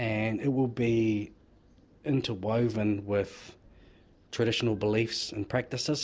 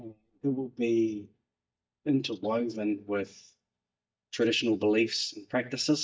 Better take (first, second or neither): first